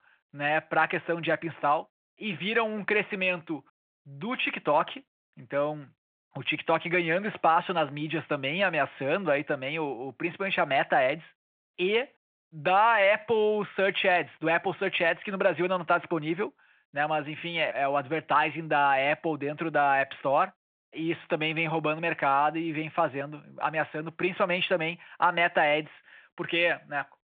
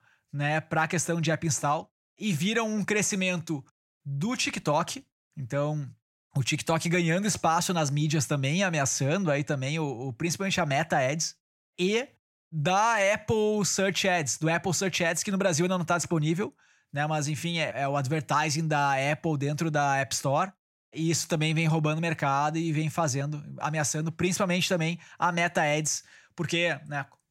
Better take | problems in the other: second | phone-call audio

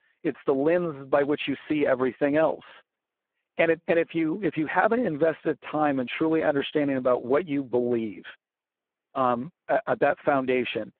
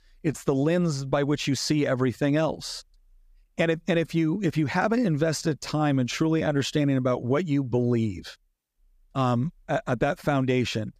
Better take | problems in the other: second | phone-call audio; poor line

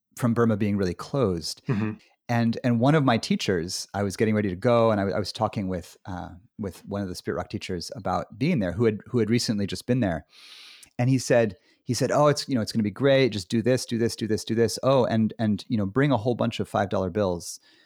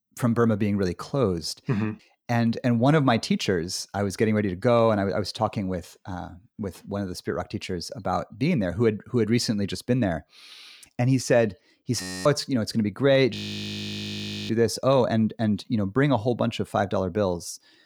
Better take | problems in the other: first | audio freezing; at 12 s and at 13 s for 1 s

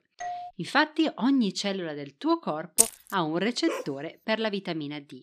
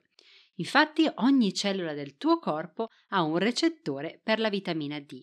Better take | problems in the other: second | doorbell; noticeable; at the start; peak 8 dB below the speech // jangling keys; loud; at 3 s; peak 6 dB above the speech // dog barking; noticeable; at 3.5 s; peak 7 dB below the speech

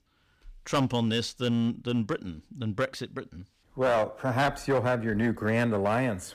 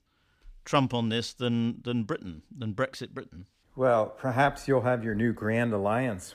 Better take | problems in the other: second | distortion; slight; 6% of the sound clipped

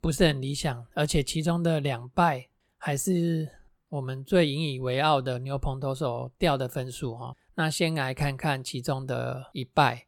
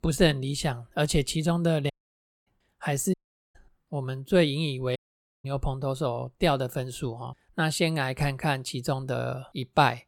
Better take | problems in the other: first | audio cutting out; at 2 s for 0.5 s, at 3 s and at 5 s

